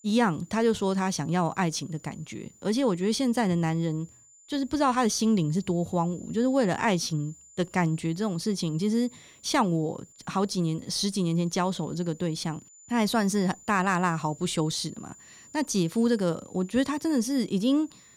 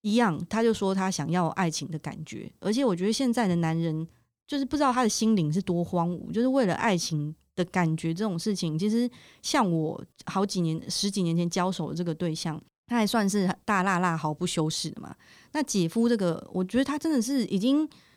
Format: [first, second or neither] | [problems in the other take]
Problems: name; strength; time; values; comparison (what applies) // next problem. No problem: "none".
second | high-pitched whine; faint; throughout; 7 kHz, 25 dB below the speech